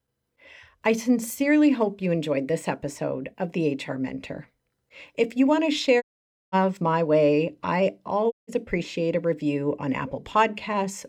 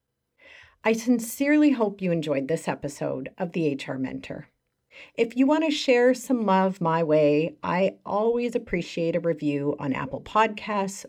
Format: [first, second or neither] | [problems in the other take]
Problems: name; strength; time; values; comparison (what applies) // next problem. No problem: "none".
second | audio cutting out; at 6 s for 0.5 s and at 8.5 s